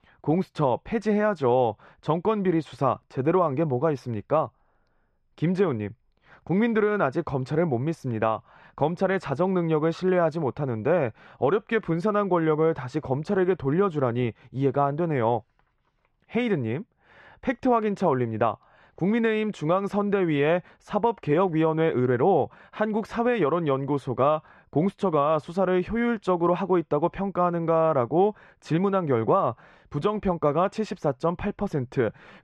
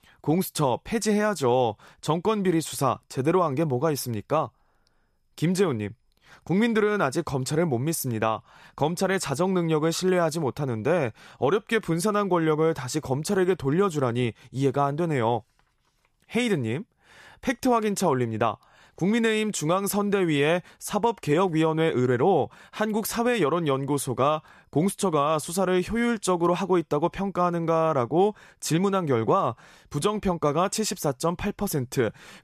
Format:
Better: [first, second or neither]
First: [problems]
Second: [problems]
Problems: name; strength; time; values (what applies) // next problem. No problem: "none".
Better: second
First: muffled; very; fading above 2.5 kHz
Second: none